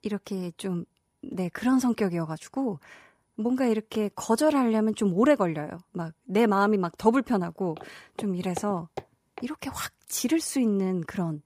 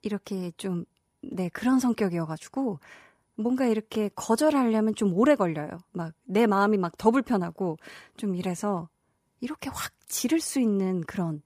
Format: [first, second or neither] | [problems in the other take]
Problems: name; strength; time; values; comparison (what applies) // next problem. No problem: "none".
second | footsteps; faint; from 8 to 9.5 s; peak 15 dB below the speech